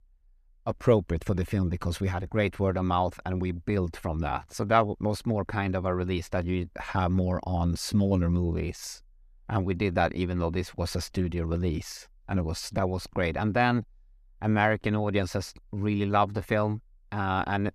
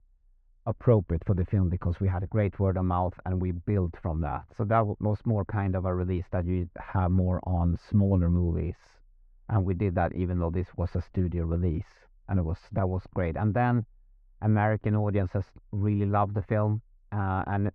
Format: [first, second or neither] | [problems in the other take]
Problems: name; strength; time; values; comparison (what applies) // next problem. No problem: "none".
first | muffled; very; fading above 1.5 kHz